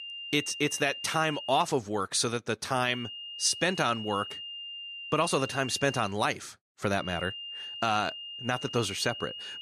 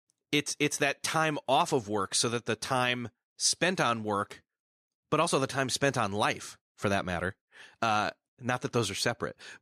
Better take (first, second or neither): second